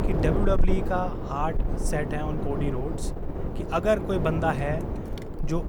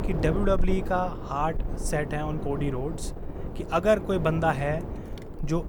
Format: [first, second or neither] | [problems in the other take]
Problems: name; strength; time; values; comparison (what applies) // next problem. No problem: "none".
second | wind noise on the microphone; heavy; 7 dB below the speech; occasional gusts in the second